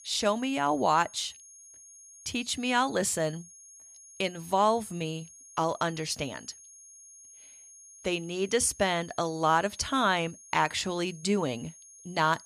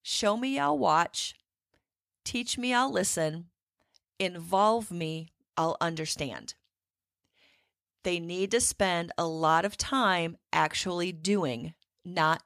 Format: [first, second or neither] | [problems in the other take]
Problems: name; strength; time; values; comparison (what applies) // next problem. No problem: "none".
second | high-pitched whine; faint; throughout; 6.5 kHz, 20 dB below the speech